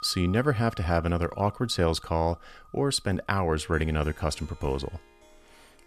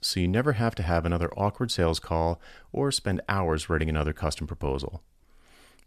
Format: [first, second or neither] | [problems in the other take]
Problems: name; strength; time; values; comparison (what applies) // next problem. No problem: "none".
second | background music; faint; throughout; 20 dB below the speech